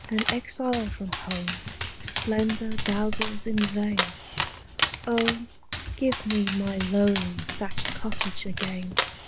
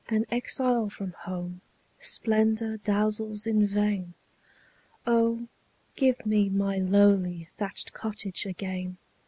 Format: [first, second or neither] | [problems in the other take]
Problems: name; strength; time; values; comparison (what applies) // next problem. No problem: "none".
second | background sound (Dog); 2 dB below the speech